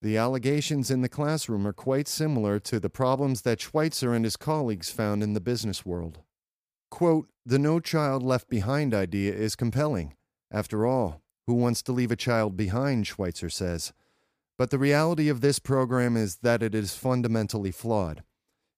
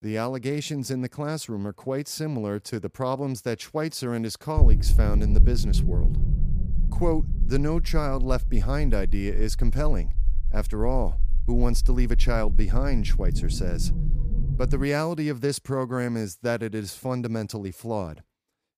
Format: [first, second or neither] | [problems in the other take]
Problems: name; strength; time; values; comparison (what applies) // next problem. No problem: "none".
first | low rumble; noticeable; from 4.5 to 15 s; 15 dB below the speech